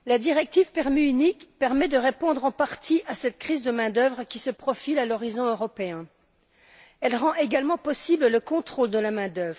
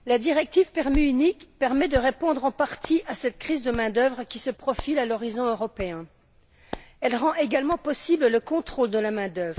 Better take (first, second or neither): first